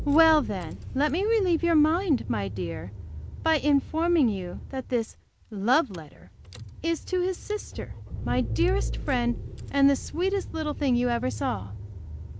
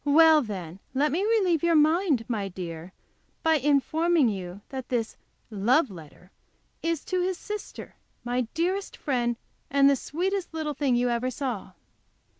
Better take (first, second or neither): second